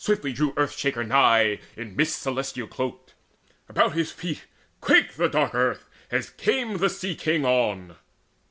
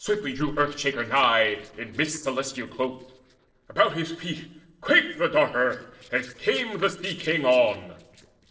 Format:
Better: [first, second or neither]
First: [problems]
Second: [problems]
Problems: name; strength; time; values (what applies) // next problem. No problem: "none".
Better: first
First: none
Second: noise reduction (neural separator model SepFormer DNS4)